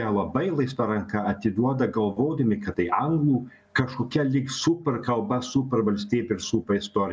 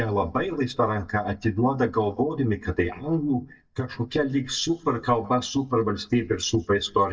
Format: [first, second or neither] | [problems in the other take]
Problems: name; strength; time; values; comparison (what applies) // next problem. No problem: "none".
first | noise reduction (neural mask model DeepFilterNet 3)